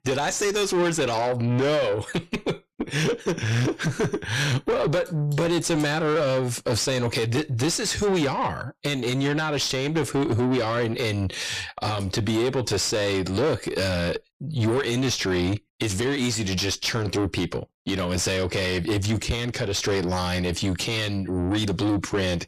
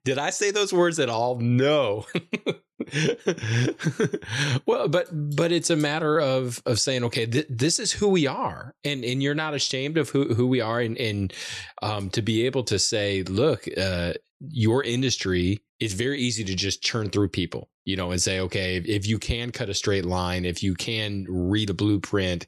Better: second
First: distortion; heavy; 6 dB below the speech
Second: none

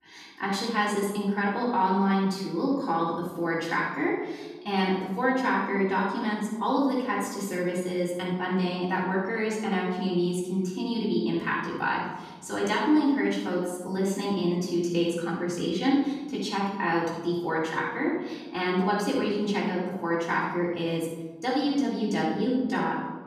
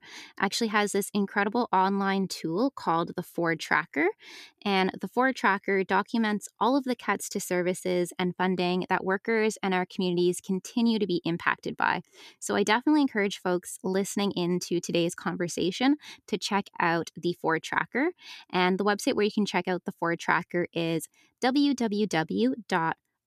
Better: second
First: off-mic speech; far // room echo; noticeable; dies away in 1.3 s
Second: none

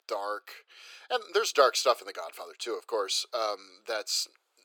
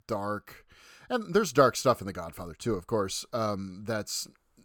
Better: second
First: thin; very; fading below 400 Hz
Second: none

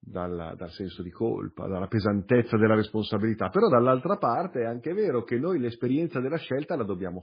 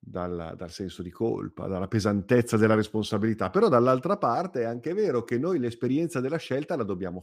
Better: second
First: garbled, watery; badly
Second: none

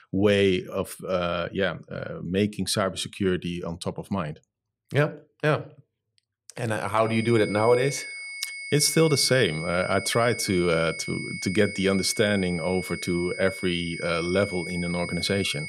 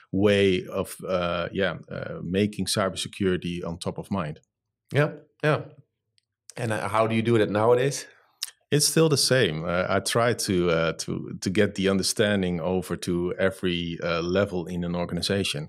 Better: second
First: high-pitched whine; loud; from 7 s on; 2 kHz, 9 dB below the speech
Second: none

